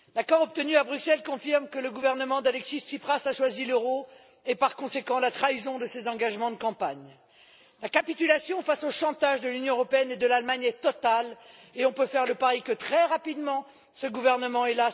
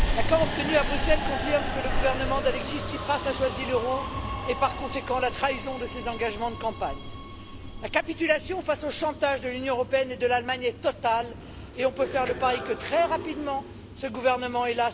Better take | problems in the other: first | background sound (Subway, metro, underground); 4 dB below the speech

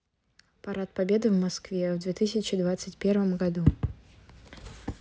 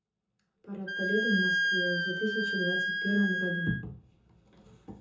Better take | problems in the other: first | background sound (Wind instrument, woodwind instrument); 3 dB above the speech // room echo; dies away in 0.6 s

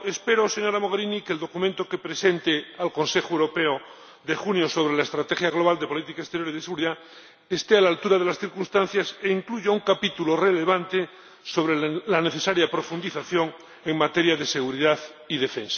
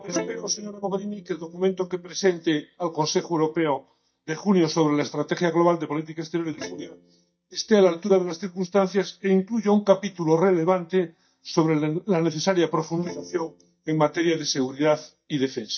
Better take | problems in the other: first | noise reduction (neural mask model DeepFilterNet 3)

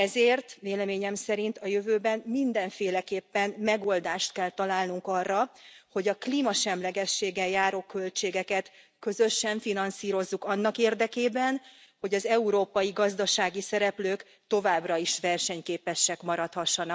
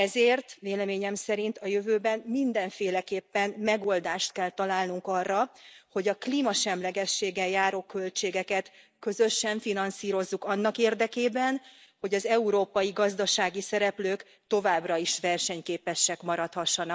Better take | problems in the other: first | noise reduction (neural mask model Resemble Enhance denoiser)

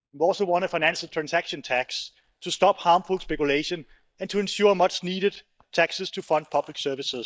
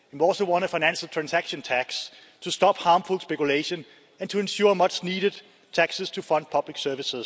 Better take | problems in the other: second | noise reduction (neural mask model DeepFilterNet 3)

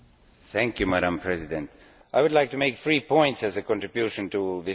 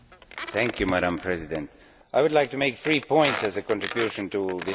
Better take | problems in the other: first | background sound (Squeak); 12 dB below the speech

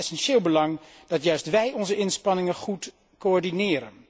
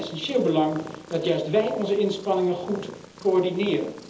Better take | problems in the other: first | background sound (Purr); 17 dB below the speech // room echo; dies away in 1.2 s

